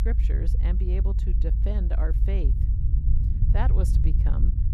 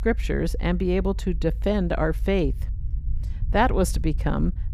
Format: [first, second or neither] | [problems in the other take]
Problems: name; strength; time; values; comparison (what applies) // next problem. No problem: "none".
second | low rumble; loud; throughout; 4 dB below the speech; faint in the second